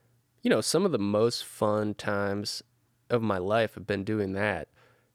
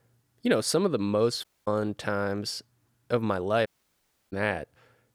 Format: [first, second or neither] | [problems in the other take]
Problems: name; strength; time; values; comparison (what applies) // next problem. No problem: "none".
first | audio cutting out; at 1.5 s and at 3.5 s for 0.5 s